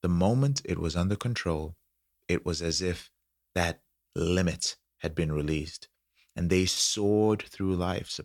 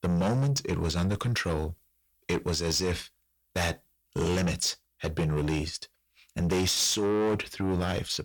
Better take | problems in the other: first | distortion; heavy; 7 dB below the speech

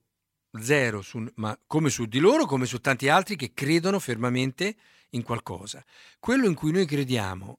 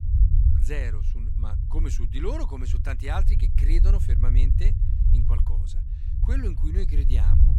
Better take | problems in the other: first | low rumble; loud; throughout; 5 dB below the speech

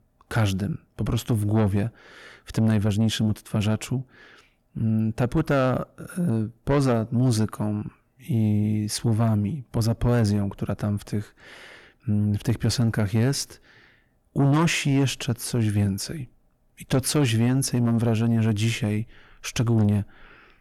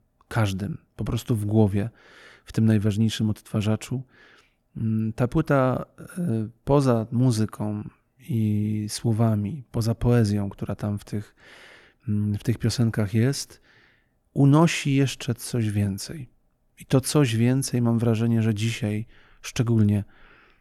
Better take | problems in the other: second | distortion; slight; 9 dB below the speech

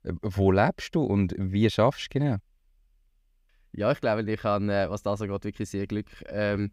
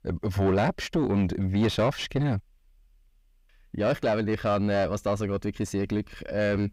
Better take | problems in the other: first | distortion; heavy; 7 dB below the speech

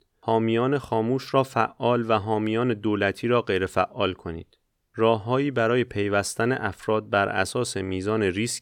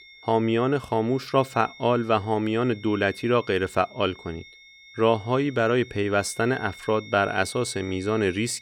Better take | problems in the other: first | high-pitched whine; faint; throughout; 2 kHz, 20 dB below the speech

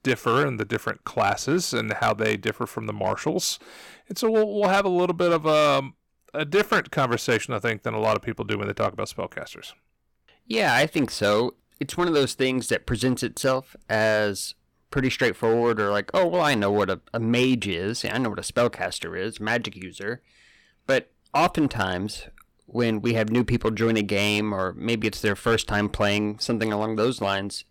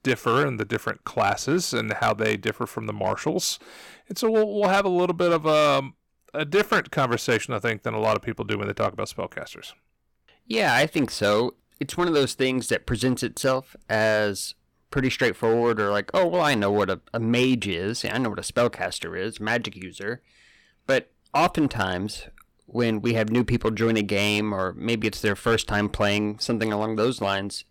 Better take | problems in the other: neither | distortion; slight; 4% of the sound clipped; the same in both

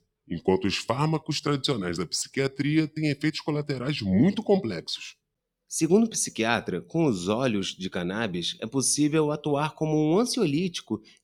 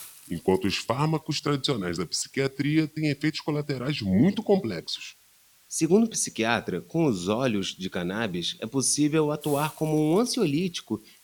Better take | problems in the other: first | hiss; faint; throughout; 25 dB below the speech

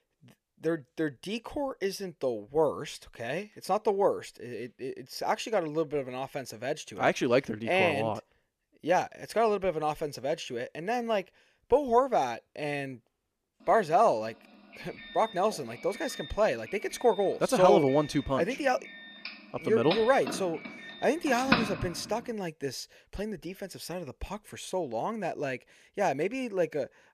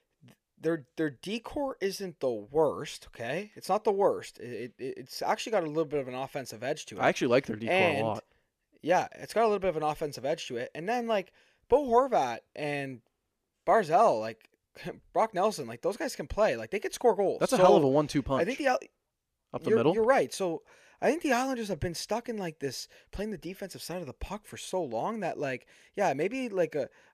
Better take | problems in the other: second | doorbell; loud; from 19 to 22 s; peak 2 dB above the speech

